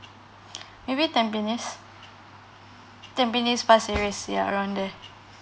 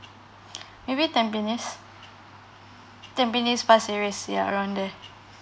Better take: second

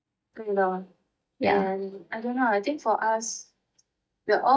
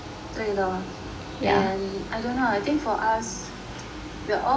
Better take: second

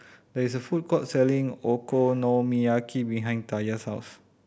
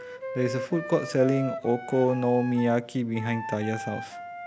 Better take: first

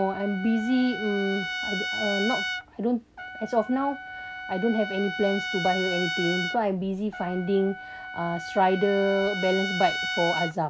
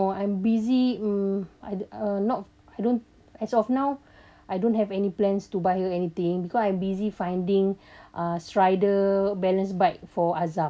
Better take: second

